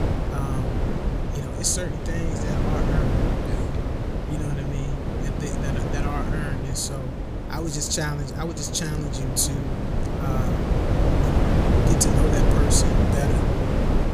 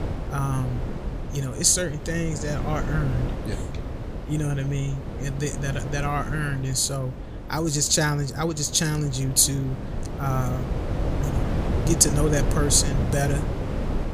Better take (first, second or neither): second